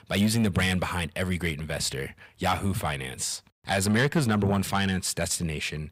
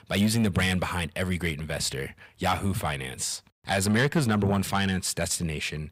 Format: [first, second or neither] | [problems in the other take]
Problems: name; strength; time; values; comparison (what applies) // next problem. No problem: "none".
neither | distortion; slight; 10 dB below the speech; the same in both